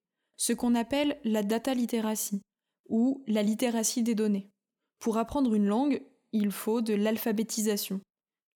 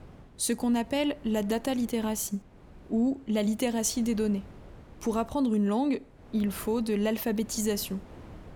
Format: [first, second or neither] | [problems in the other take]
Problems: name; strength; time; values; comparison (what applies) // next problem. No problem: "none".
first | wind noise on the microphone; occasional gusts; 25 dB below the speech